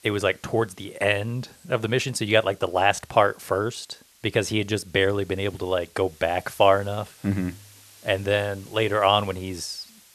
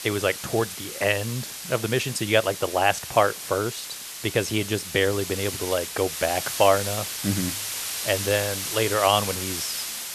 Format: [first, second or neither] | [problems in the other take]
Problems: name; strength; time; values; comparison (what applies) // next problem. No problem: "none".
first | hiss; loud; throughout; 5 dB below the speech; faint in the first